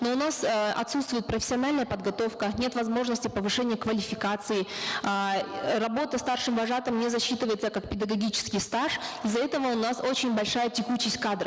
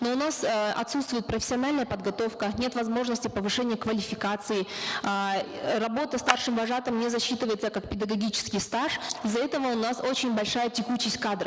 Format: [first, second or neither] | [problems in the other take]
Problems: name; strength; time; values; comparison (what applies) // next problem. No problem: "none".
first | noise reduction (neural mask model Resemble Enhance denoiser)